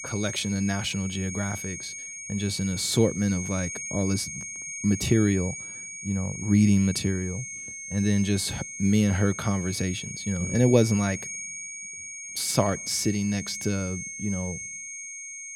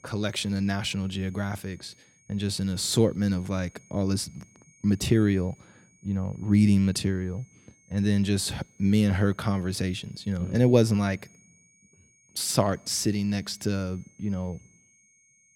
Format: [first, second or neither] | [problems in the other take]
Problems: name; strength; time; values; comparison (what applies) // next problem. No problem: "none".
second | high-pitched whine; loud; throughout; 6.5 kHz, 8 dB below the speech; faint in the second